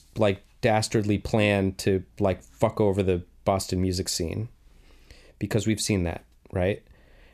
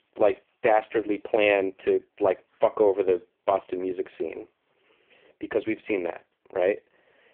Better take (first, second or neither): first